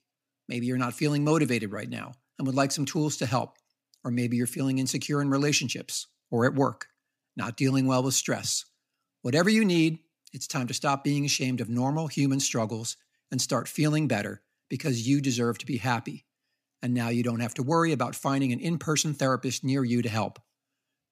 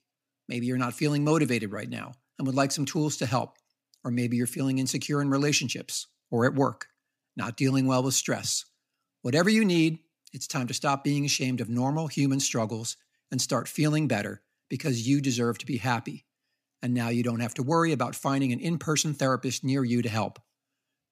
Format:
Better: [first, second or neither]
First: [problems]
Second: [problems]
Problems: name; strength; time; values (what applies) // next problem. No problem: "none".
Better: neither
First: none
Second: none